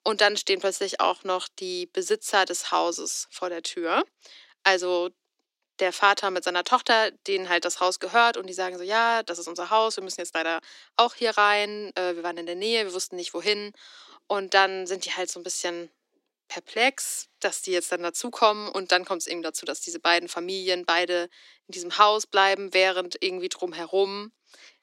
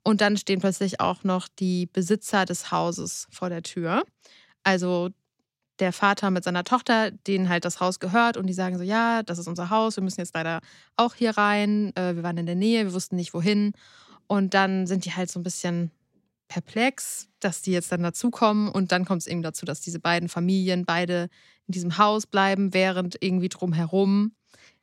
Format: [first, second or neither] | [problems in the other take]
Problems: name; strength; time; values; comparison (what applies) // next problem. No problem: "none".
second | thin; very; fading below 300 Hz